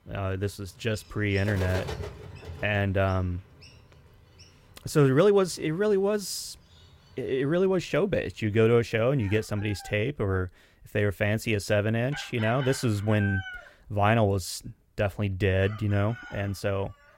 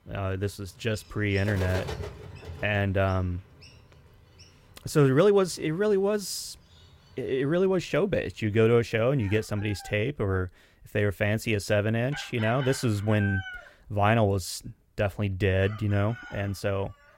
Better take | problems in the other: neither | animal sounds; noticeable; throughout; 15 dB below the speech; the same in both

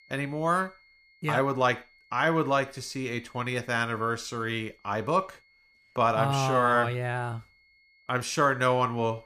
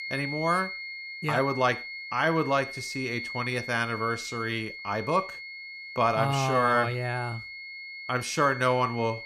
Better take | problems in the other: first | high-pitched whine; loud; throughout; 2 kHz, 9 dB below the speech; faint in the first

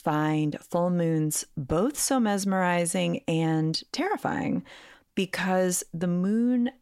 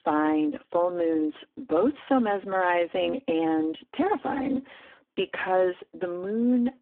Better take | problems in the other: first | phone-call audio; poor line

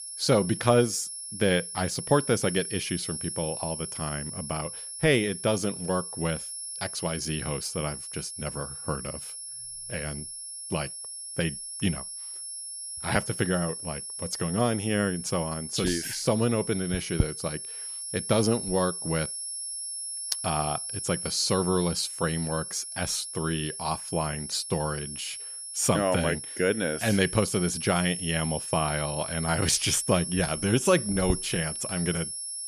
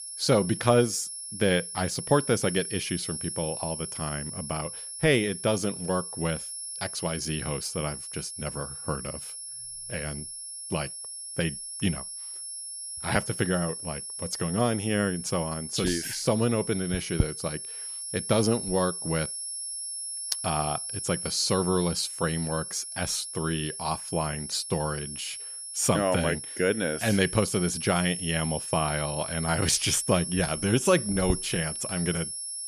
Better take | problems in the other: neither | high-pitched whine; loud; throughout; 10.5 kHz, 6 dB below the speech; the same in both

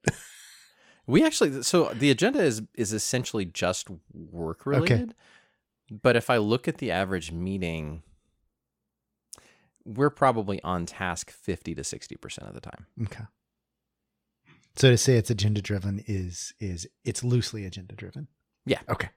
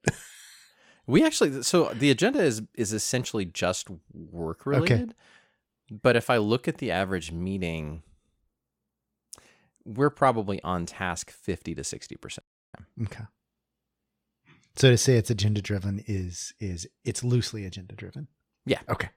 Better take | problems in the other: first | audio cutting out; at 12 s

